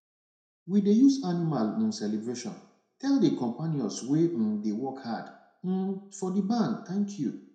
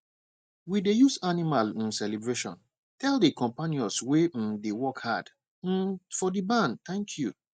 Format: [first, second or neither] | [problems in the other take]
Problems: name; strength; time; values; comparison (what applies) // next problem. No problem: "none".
second | room echo; dies away in 0.5 s